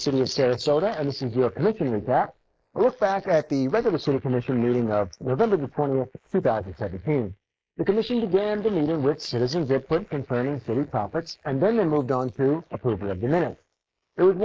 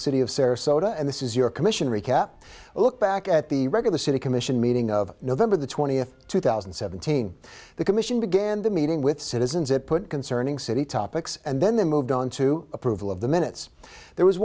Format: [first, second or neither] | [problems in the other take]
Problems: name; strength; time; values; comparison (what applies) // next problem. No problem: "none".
second | noise reduction (neural mask model Resemble Enhance denoiser)